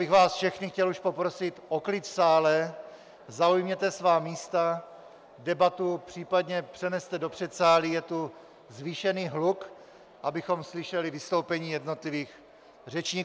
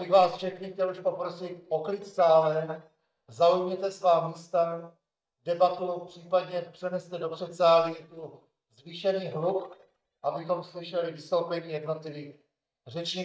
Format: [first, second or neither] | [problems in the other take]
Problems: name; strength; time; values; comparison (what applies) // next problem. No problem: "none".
first | noise reduction (neural mask model DeepFilterNet 3)